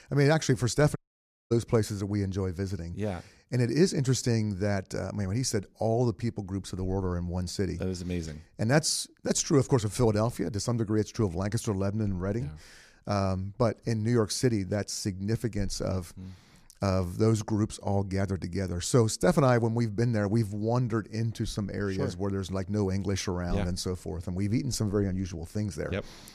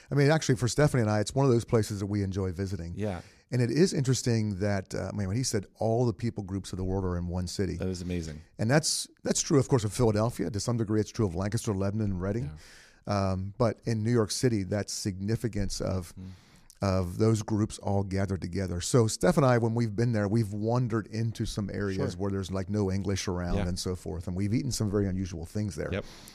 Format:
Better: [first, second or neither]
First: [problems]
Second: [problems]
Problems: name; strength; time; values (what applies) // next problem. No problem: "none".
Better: second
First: audio cutting out; at 1 s for 0.5 s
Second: none